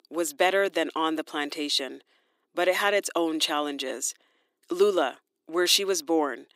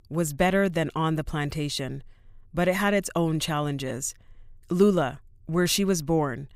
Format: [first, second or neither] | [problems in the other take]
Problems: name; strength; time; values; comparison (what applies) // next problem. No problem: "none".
second | thin; somewhat; fading below 300 Hz